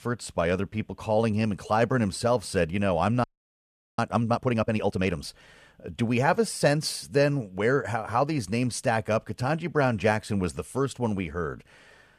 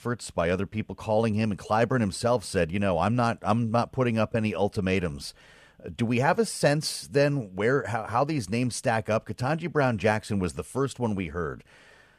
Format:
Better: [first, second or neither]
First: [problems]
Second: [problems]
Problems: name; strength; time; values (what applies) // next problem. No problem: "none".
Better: second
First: audio freezing; at 3 s for 0.5 s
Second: none